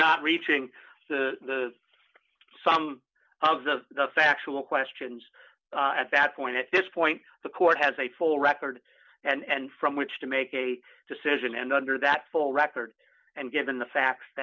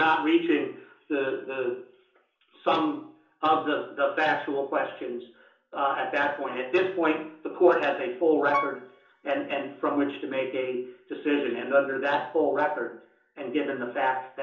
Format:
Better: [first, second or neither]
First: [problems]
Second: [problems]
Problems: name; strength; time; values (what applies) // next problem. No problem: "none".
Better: first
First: none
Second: background sound (Piano); 9 dB below the speech // room echo; dies away in 0.6 s